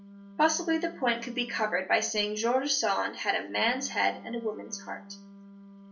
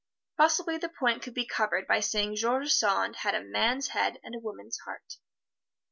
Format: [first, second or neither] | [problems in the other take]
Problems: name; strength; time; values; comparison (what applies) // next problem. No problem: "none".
second | background sound (Wind instrument, woodwind instrument); 19 dB below the speech // room echo; dies away in 0.3 s